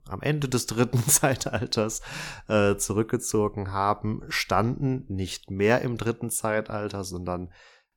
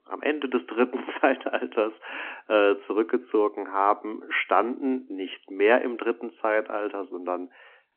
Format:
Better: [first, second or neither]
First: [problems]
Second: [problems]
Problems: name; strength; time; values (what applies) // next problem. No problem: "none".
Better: first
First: none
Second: phone-call audio